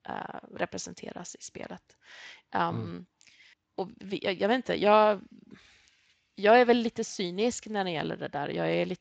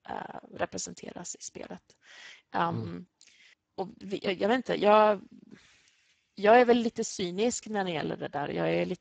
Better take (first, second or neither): first